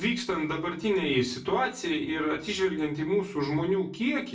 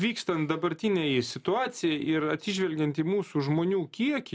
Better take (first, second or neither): second